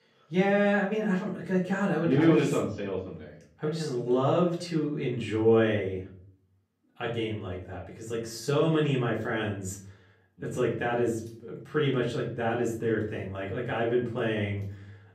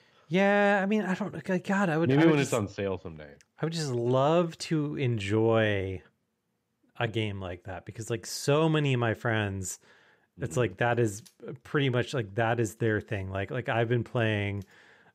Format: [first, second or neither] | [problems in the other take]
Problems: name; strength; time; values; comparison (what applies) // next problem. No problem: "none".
second | off-mic speech; far // room echo; slight; dies away in 0.5 s